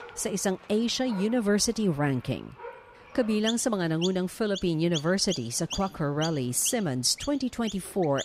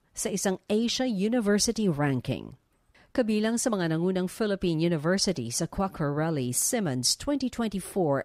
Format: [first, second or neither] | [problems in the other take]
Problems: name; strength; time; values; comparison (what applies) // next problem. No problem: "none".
second | animal sounds; noticeable; throughout; 10 dB below the speech